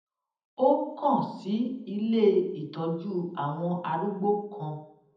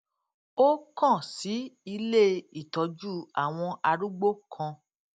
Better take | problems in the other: second | room echo; dies away in 0.8 s

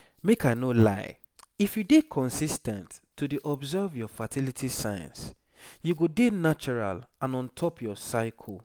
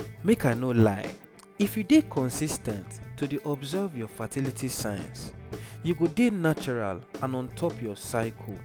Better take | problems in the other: first | background sound (Guitar / Drum); 14 dB below the speech

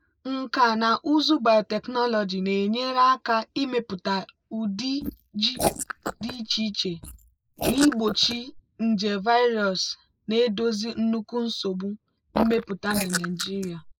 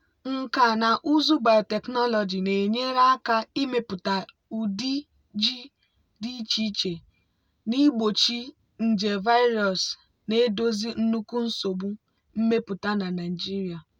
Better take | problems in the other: second | noise reduction (neural mask model Resemble Enhance denoiser)

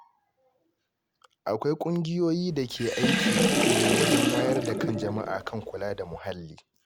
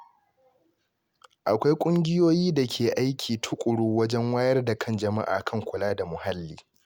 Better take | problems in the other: second | background sound (Sink (filling or washing) / Water); 4 dB above the speech

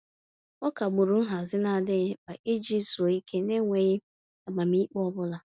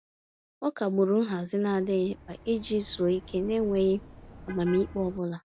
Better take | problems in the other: first | background sound (Car passing by); 18 dB below the speech

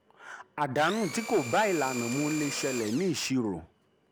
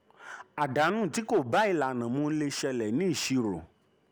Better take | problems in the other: second | background sound (Domestic sounds, home sounds); 9 dB below the speech

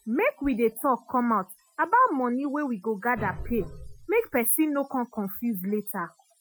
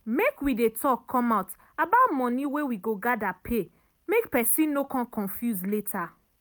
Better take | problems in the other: second | noise reduction (classical method Wiener filter)

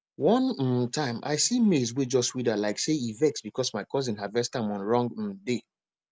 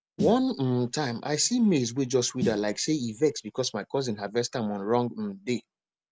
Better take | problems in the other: first | background sound (Snare drum); 12 dB below the speech

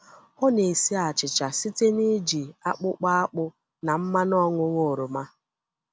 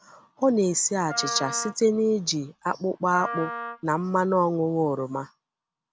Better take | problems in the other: first | background sound (Wind instrument, woodwind instrument); 12 dB below the speech

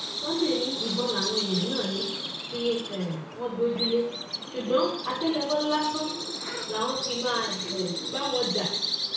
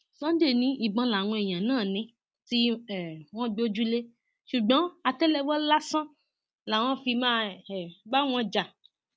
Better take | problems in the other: second | background sound (Bird vocalization, bird call, bird song); 3 dB below the speech // room echo; dies away in 0.6 s

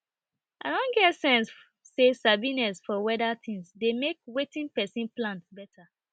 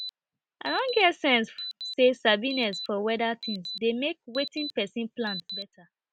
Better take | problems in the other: first | background sound (Alarm); 12 dB below the speech

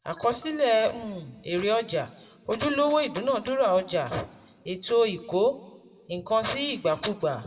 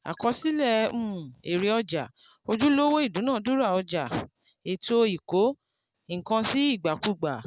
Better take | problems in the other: second | room echo; dies away in 0.8 s

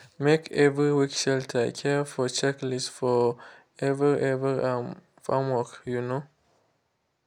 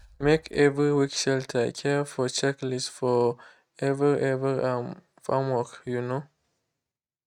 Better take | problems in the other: first | noise reduction (neural mask model RNNoise)

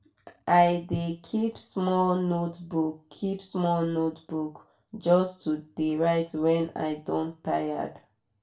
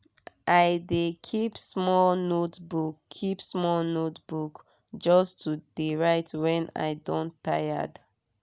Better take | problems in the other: second | room echo; dies away in 0.3 s

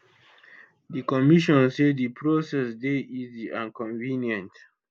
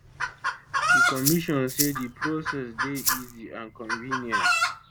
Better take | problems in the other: first | background sound (Rattle (instrument) + Chicken, rooster); 4 dB above the speech

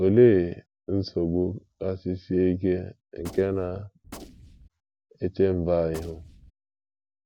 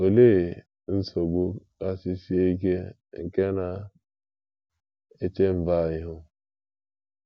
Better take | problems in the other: second | background sound (Gunshot, gunfire); 19 dB below the speech

